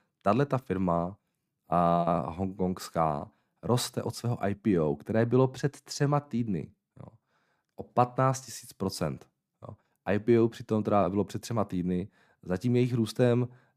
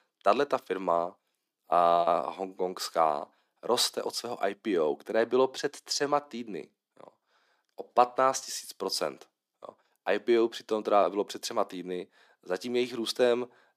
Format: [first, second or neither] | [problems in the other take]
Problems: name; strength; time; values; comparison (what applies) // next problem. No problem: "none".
first | thin; somewhat; fading below 350 Hz